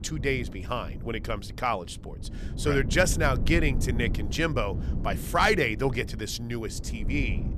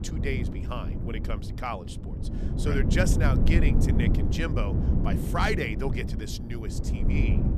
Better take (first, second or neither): first